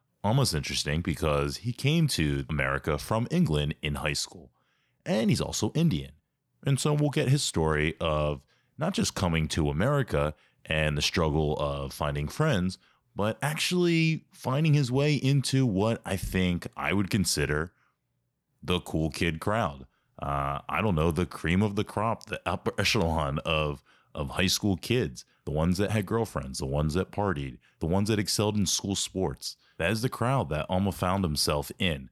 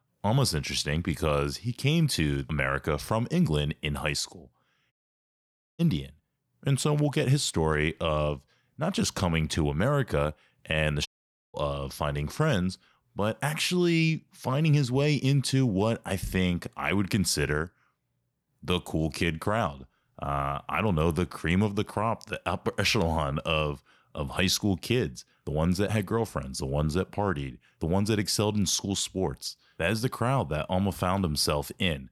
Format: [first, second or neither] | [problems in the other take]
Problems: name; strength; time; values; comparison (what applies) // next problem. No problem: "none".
first | audio cutting out; at 5 s for 1 s and at 11 s